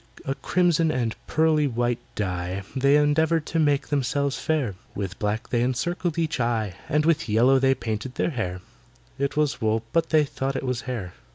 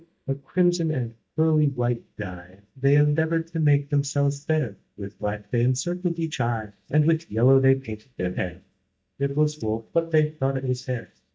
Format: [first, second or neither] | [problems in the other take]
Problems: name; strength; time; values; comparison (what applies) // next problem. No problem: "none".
first | noise reduction (neural mask model DeepFilterNet 3)